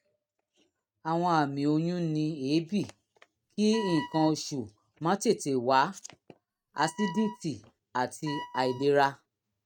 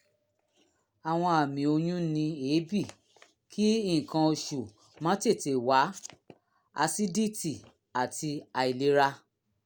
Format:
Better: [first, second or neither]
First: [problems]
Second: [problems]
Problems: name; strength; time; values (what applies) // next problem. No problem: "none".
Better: second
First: noise reduction (neural mask model RNNoise)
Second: none